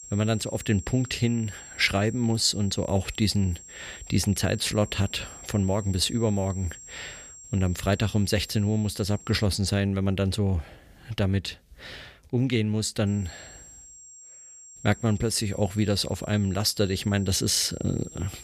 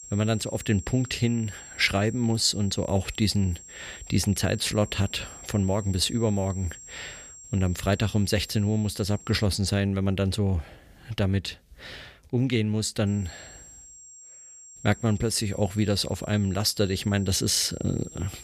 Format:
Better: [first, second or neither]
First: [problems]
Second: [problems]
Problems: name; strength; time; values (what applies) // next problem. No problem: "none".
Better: neither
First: high-pitched whine; noticeable; until 9.5 s and from 13 s on; 7.5 kHz, 15 dB below the speech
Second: high-pitched whine; noticeable; until 9.5 s and from 13 s on; 7.5 kHz, 15 dB below the speech